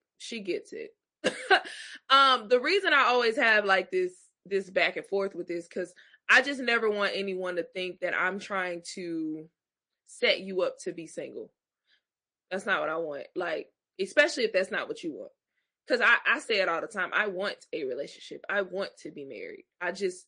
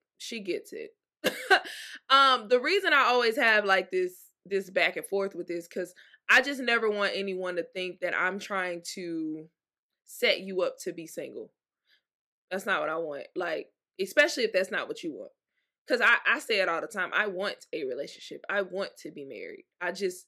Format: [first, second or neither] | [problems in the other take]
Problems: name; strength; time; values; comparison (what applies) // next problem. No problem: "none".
second | garbled, watery; slightly; nothing above 8 kHz